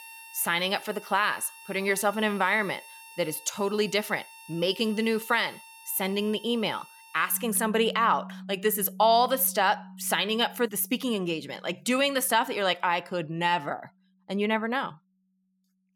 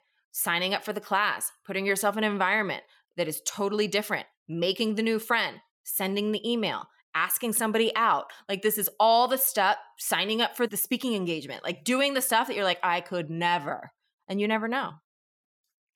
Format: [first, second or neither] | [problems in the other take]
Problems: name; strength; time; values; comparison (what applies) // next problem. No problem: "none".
second | background music; noticeable; throughout; 20 dB below the speech